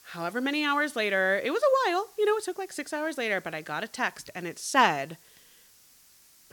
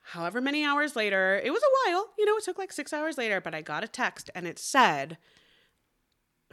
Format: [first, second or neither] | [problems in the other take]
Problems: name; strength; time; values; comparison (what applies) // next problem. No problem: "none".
second | hiss; faint; throughout; 25 dB below the speech